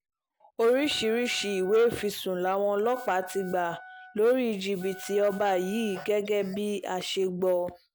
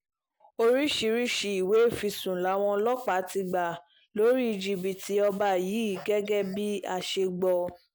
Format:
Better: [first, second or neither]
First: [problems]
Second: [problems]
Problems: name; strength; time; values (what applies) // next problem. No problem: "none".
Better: second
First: background sound (Wind instrument, woodwind instrument); 19 dB below the speech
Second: none